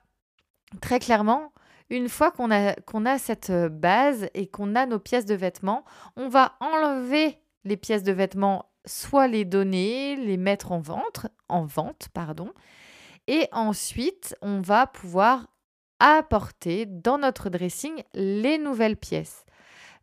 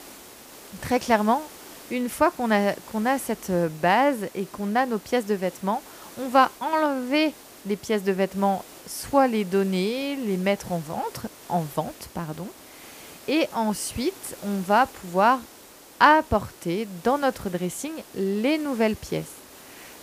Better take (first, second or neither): first